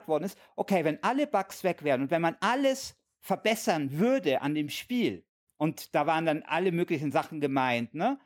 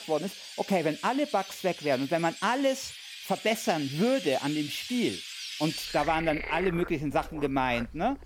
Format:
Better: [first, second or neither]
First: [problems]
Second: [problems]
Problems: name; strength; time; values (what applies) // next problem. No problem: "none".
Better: first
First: none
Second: animal sounds; loud; throughout; 10 dB below the speech